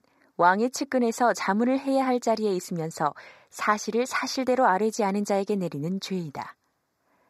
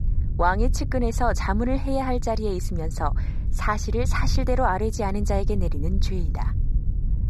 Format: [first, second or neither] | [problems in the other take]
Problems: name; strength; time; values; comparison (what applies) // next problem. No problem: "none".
first | wind noise on the microphone; occasional gusts; 20 dB below the speech